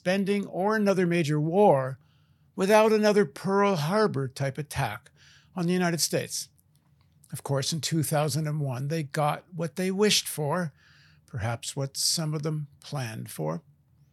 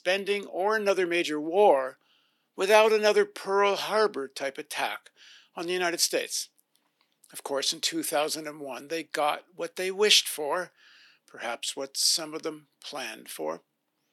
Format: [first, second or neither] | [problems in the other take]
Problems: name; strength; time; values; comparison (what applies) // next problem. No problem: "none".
first | thin; somewhat; fading below 300 Hz